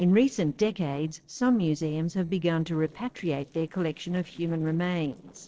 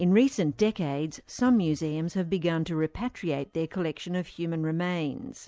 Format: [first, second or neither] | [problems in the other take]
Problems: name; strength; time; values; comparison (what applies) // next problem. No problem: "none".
second | noise reduction (neural separator model SepFormer DNS4)